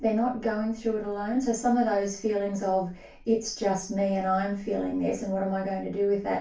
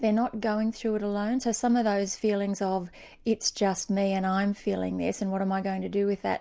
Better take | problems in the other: second | room echo; dies away in 0.3 s

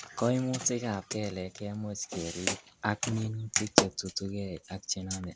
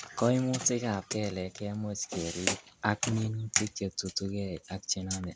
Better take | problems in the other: second | background sound (Explosion); as loud as the speech

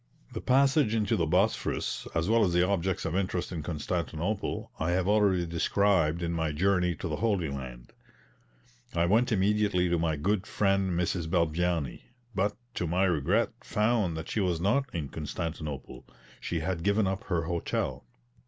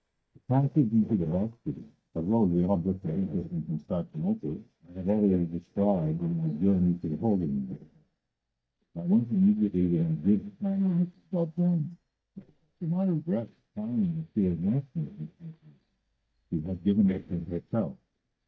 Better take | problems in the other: first | noise reduction (neural mask model DeepFilterNet 3)

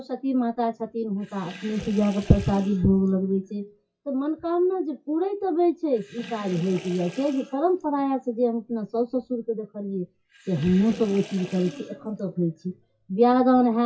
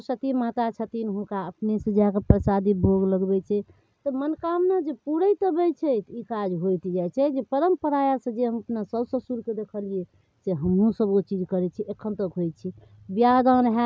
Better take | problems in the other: second | noise reduction (classical method WPE with log-MMSE)

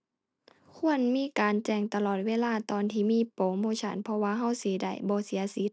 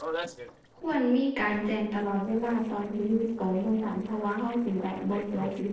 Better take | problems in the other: first | noise reduction (neural separator model SepFormer DNS4)

